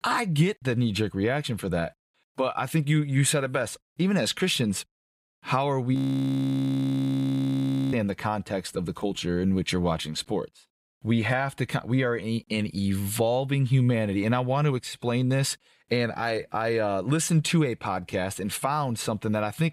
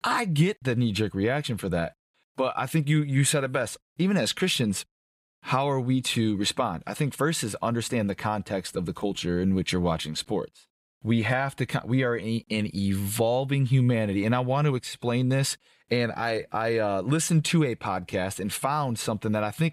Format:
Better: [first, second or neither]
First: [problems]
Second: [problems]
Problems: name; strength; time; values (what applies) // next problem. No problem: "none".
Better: second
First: audio freezing; at 6 s for 2 s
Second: none